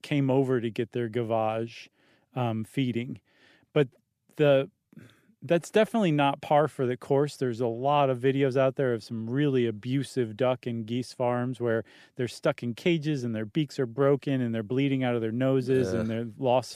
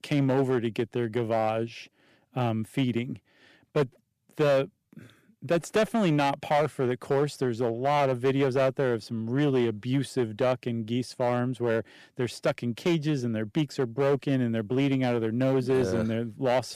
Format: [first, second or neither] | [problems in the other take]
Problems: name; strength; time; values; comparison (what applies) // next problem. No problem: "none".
first | distortion; slight; 6% of the sound clipped